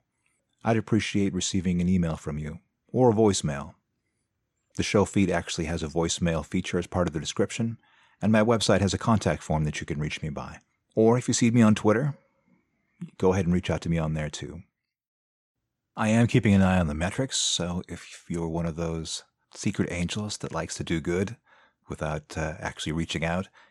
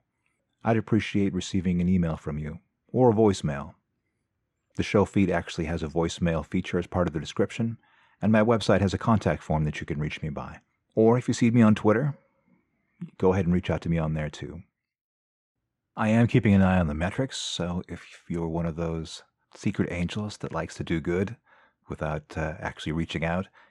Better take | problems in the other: first | muffled; slightly; fading above 4 kHz

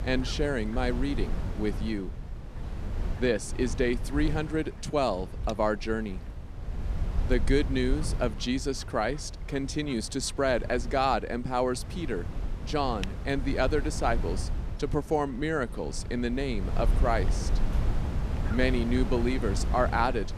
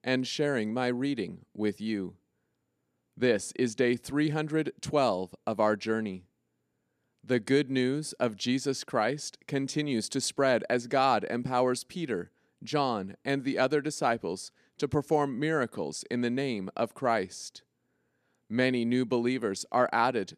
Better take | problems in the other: second | wind noise on the microphone; occasional gusts; 15 dB below the speech

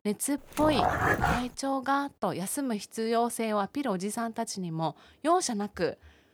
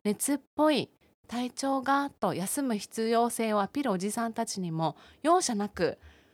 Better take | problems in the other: second | dog barking; loud; at 0.5 s; peak 5 dB above the speech

